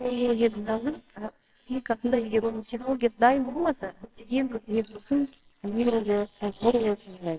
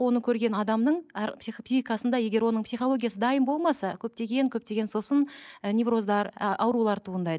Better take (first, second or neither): second